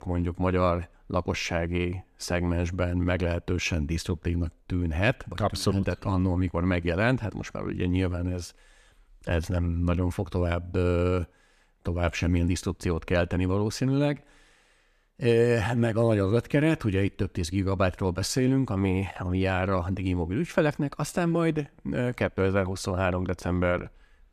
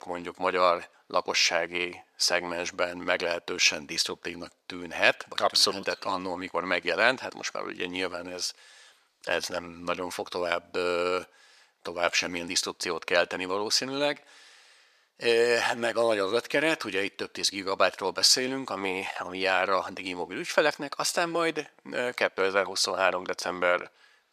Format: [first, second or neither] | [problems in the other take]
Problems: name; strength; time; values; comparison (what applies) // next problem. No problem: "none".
first | thin; very; fading below 600 Hz